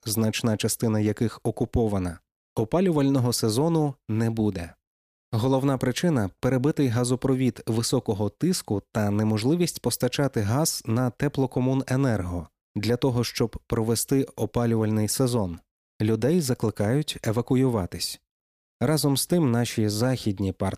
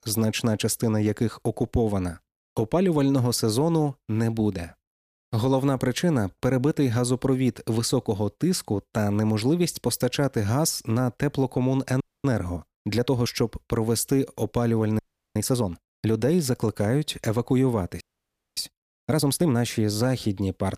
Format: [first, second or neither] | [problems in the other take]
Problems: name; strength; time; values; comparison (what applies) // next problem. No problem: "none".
first | audio freezing; at 12 s, at 15 s and at 18 s for 0.5 s